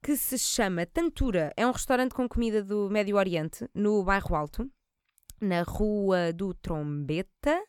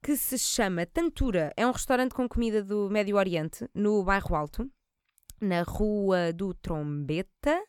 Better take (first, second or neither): neither